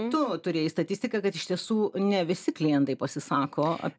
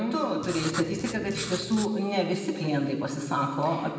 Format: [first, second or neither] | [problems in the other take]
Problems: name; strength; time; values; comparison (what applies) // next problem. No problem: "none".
first | background sound (Writing); 10 dB below the speech // room echo; dies away in 1.5 s